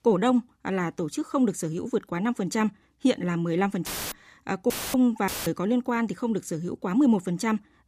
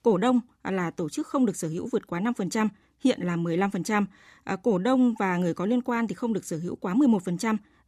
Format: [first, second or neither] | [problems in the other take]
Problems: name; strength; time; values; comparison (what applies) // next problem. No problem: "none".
second | audio cutting out; filled with static; at 4 s, at 4.5 s and at 5.5 s